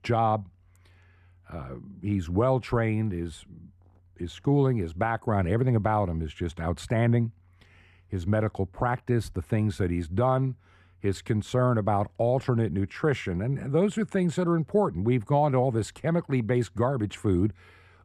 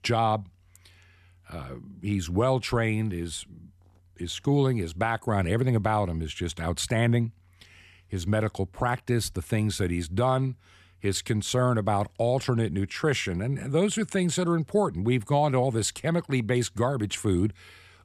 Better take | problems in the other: second | muffled; slightly; fading above 2.5 kHz

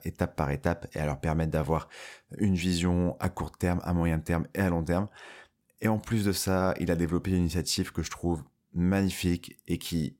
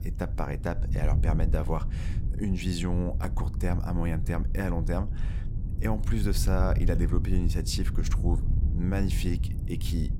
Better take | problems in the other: first | wind noise on the microphone; heavy; 10 dB below the speech

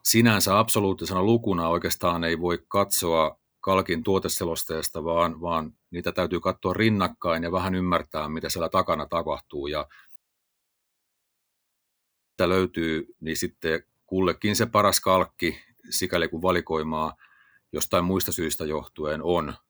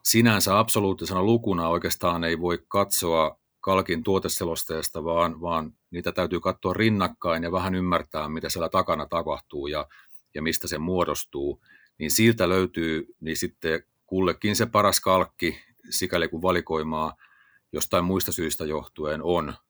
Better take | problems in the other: second | audio cutting out; at 10 s for 2 s

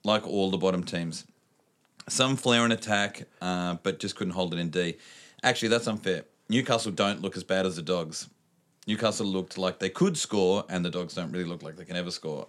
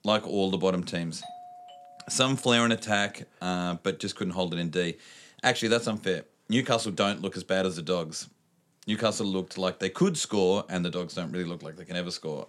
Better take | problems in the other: first | doorbell; faint; from 1 to 3 s; peak 15 dB below the speech

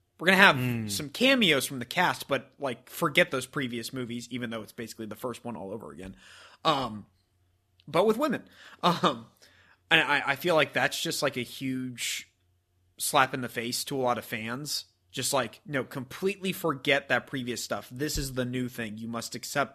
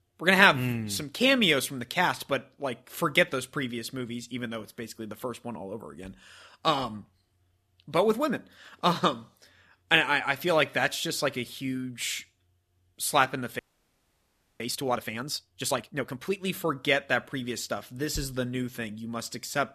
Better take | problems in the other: first | audio freezing; at 14 s for 1 s

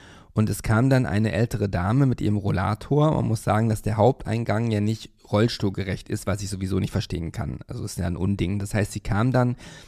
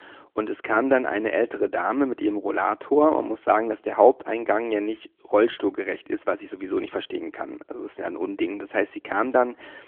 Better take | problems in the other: first | phone-call audio; nothing above 3.5 kHz

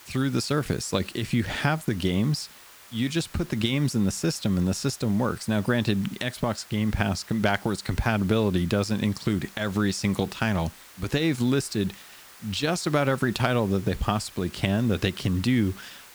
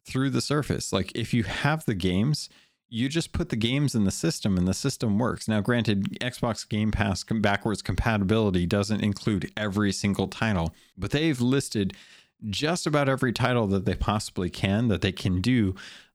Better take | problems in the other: second | hiss; faint; throughout; 20 dB below the speech

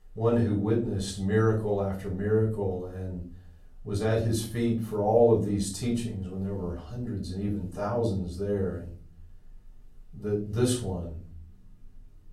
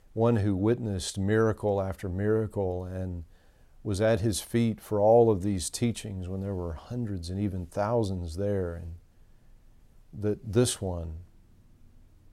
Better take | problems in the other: second | off-mic speech; far // room echo; slight; dies away in 0.4 s

